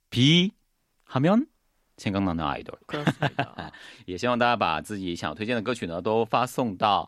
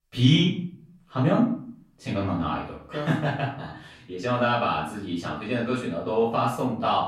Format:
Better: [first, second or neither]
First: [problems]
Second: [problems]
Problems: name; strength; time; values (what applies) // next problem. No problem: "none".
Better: first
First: none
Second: off-mic speech; far // room echo; noticeable; dies away in 0.5 s